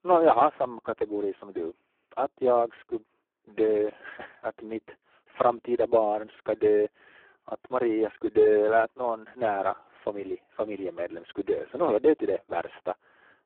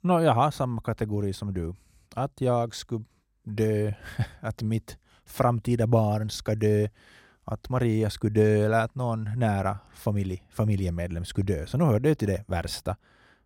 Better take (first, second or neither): second